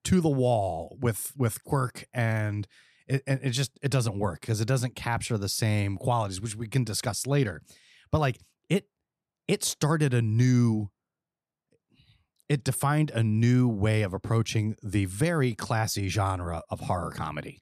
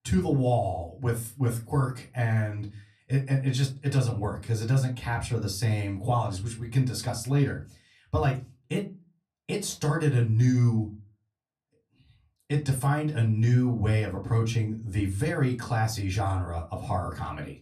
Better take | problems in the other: first | off-mic speech; far // room echo; very slight; dies away in 0.3 s

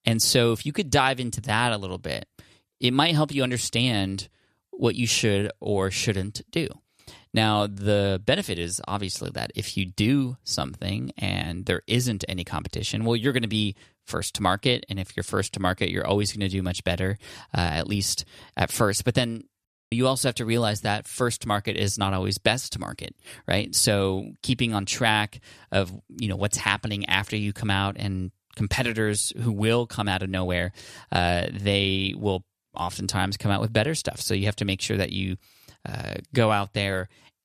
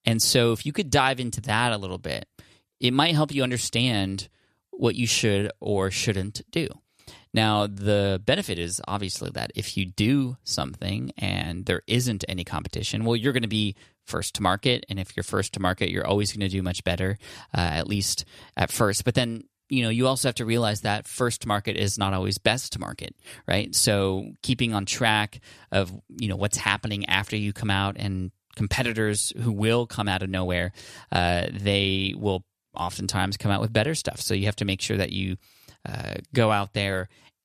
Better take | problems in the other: second | audio cutting out; at 20 s

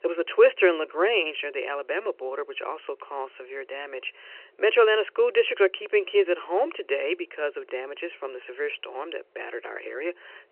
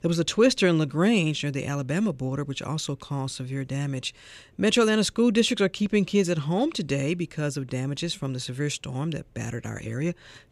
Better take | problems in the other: second | phone-call audio; nothing above 3 kHz

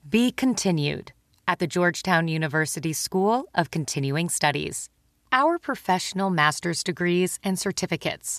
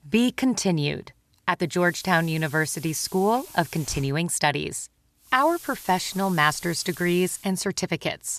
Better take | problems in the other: first | hiss; noticeable; from 2 to 4 s and from 5.5 to 7.5 s; 15 dB below the speech

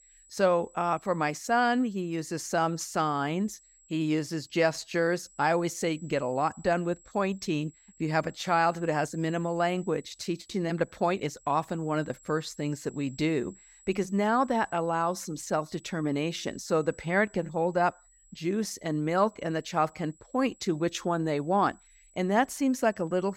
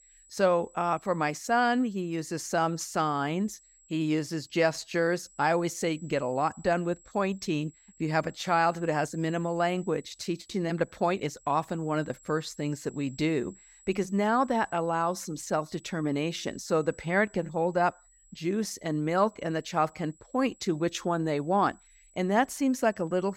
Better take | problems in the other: neither | high-pitched whine; faint; throughout; 7.5 kHz, 25 dB below the speech; the same in both

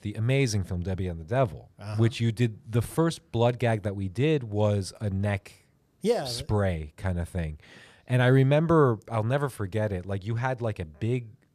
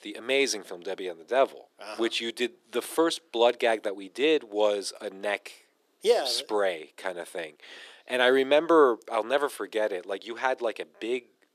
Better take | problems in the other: first | thin; very; fading below 300 Hz

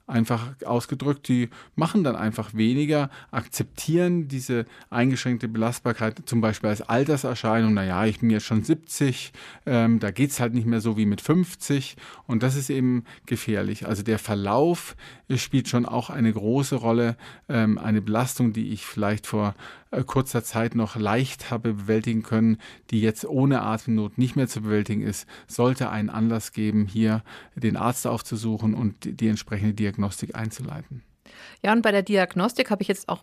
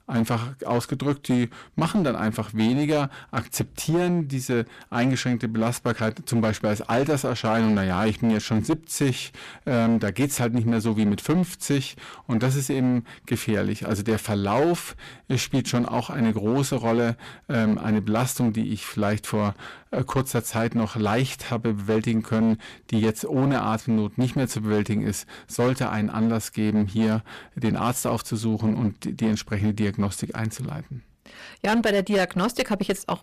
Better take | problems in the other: first | distortion; slight; 11% of the sound clipped

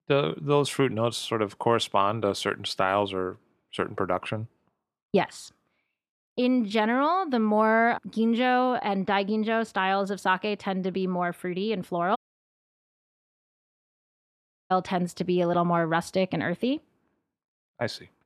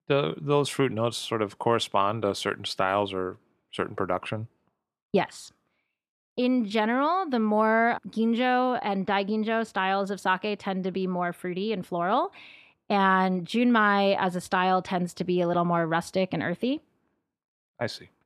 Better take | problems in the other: second | audio cutting out; at 12 s for 2.5 s

